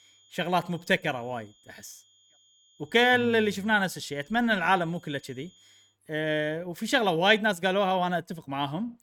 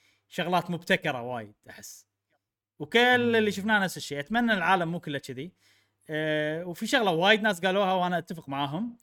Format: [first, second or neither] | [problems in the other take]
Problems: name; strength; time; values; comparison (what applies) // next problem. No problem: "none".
second | high-pitched whine; faint; until 6 s; 3.5 kHz, 35 dB below the speech